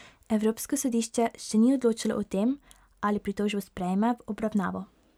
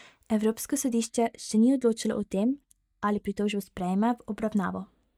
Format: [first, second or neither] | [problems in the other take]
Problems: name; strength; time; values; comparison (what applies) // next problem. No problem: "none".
first | noise reduction (neural mask model DeepFilterNet 3)